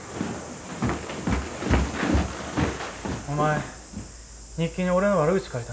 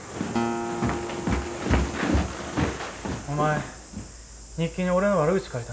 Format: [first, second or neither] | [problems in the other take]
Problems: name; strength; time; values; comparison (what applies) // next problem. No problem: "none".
first | background sound (Acoustic guitar); 8 dB below the speech